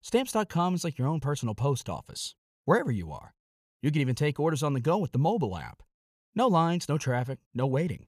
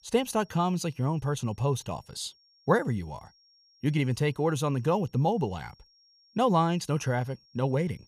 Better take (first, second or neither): first